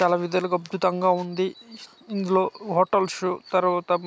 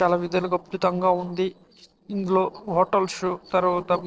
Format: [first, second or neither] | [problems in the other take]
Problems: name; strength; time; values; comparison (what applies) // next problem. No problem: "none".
first | noise reduction (neural separator model SepFormer DNS4)